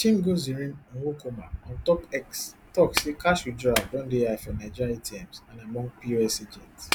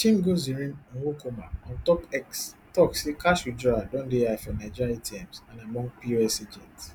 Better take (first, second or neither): second